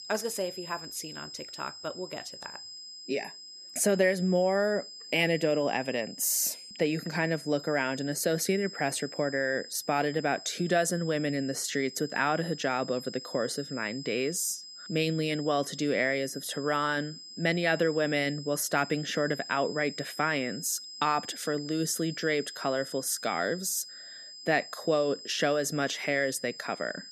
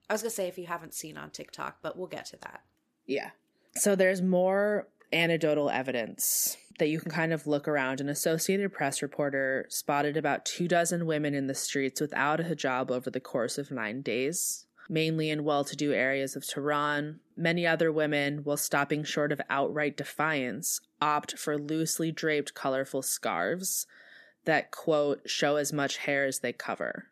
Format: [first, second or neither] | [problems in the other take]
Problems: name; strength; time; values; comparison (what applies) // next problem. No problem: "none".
second | high-pitched whine; noticeable; throughout; 5 kHz, 15 dB below the speech